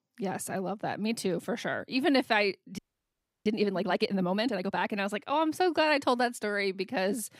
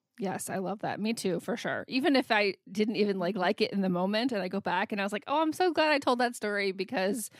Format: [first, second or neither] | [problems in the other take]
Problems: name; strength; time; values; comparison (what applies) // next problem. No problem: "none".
second | audio freezing; at 3 s for 0.5 s